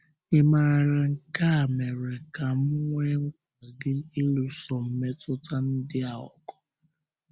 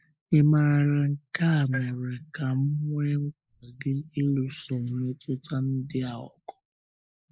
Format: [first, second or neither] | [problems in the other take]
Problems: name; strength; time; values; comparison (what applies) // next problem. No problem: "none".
first | noise reduction (neural mask model Resemble Enhance denoiser)